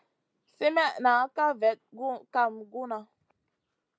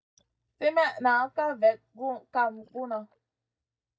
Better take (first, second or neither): first